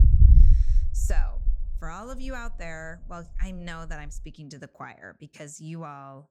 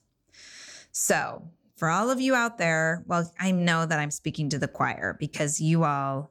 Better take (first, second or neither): second